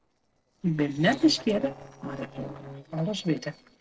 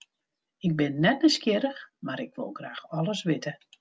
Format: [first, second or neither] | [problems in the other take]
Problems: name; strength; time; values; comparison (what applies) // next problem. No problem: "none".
second | noise reduction (neural separator model SepFormer DNS4)